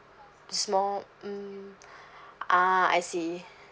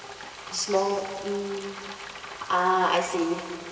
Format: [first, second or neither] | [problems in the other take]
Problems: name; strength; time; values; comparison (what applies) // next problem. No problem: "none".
first | background sound (Frying (food)); 13 dB below the speech // room echo; dies away in 1.8 s